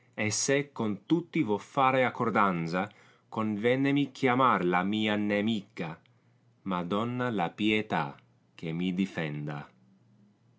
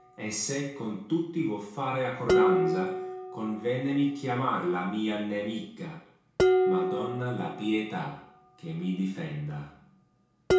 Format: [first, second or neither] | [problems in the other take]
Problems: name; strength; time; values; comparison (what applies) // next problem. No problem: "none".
first | background sound (Dishes, pots, and pans); as loud as the speech // room echo; dies away in 0.6 s